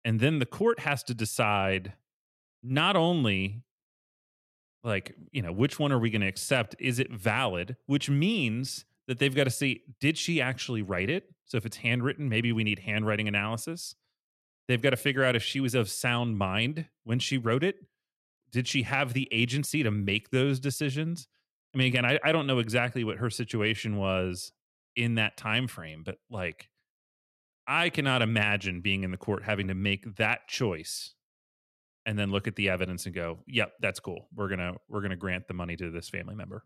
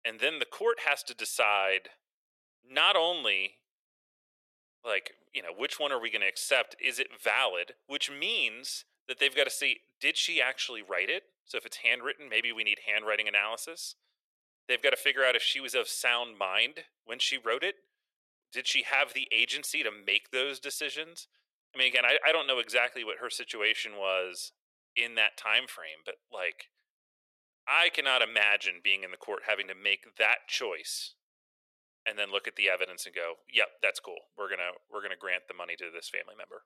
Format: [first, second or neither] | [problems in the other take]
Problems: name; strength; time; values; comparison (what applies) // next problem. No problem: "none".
first | thin; very; fading below 500 Hz